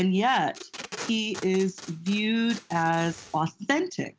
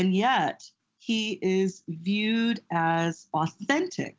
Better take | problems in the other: second | background sound (Packing tape, duct tape); 16 dB below the speech

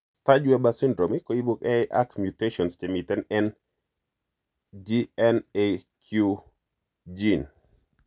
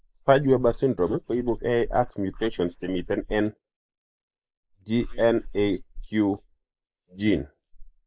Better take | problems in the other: first | noise reduction (neural mask model Resemble Enhance denoiser)

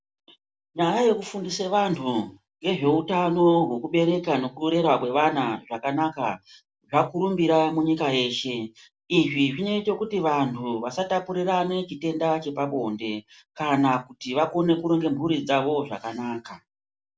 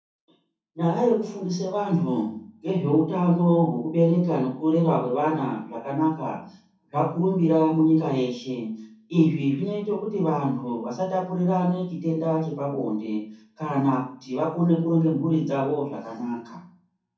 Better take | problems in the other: first | room echo; dies away in 0.6 s

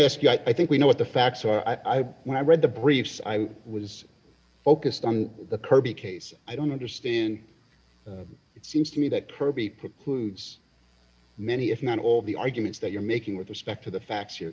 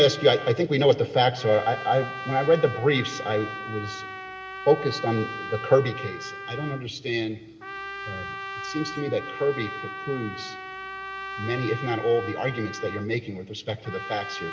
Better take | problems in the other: first | background sound (Trumpet); 11 dB below the speech // room echo; dies away in 1.6 s

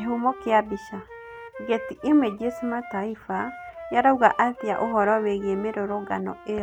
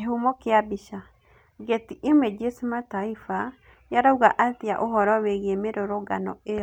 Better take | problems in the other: second | background sound (Wind instrument, woodwind instrument); 15 dB below the speech

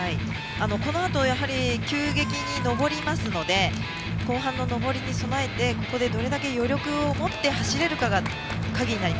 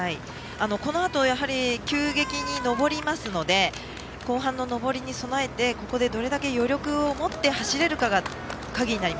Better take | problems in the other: second | background sound (Electric guitar); 2 dB below the speech

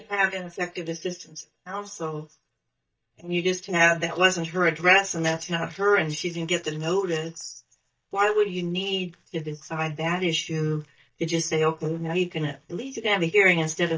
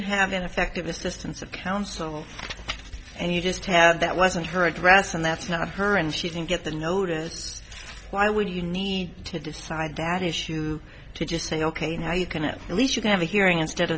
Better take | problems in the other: second | noise reduction (neural mask model DeepFilterNet 3)

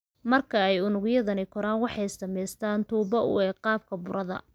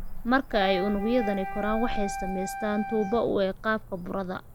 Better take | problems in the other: first | background sound (Wind instrument, woodwind instrument + Cricket / Motor vehicle (road)); 7 dB below the speech

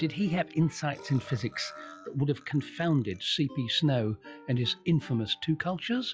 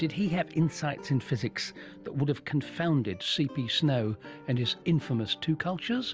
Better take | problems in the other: second | noise reduction (classical method log-MMSE)

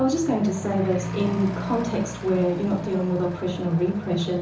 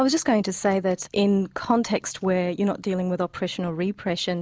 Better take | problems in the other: second | background sound (Accelerating, revving, vroom / Truck); 9 dB below the speech // room echo; dies away in 0.7 s

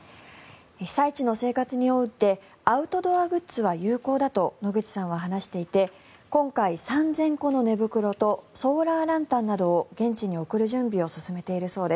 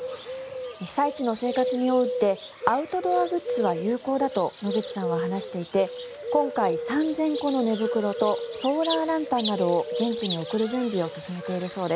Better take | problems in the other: first | background sound (Bird); 6 dB below the speech

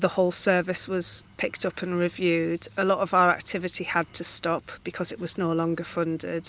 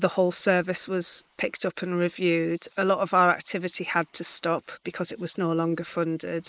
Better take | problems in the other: first | noise reduction (neural mask model Resemble Enhance denoiser)

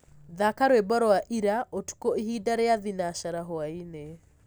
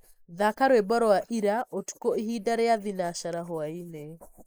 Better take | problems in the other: first | noise reduction (neural mask model Resemble Enhance denoiser)

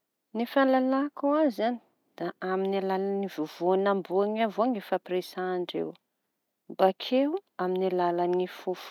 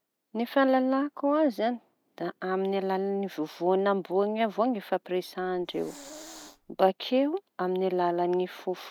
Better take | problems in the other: first | background sound (Hiss); 20 dB below the speech

